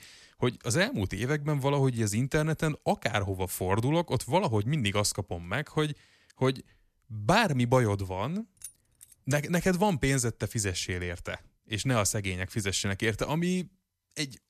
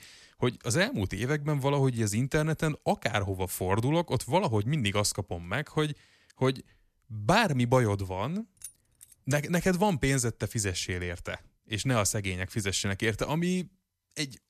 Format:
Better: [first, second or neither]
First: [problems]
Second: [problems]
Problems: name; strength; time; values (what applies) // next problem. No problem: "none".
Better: neither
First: jangling keys; faint; at 8.5 s; peak 15 dB below the speech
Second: jangling keys; faint; at 8.5 s; peak 15 dB below the speech